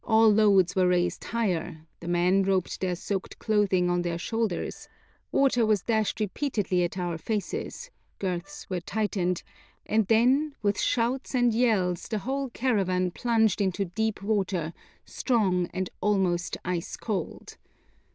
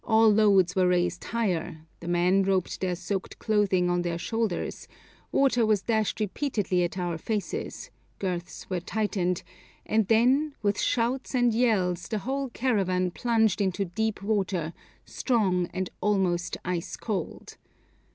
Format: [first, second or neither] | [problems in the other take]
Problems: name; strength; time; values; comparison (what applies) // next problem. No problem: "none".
second | noise reduction (neural diffusion model UNIVERSE++)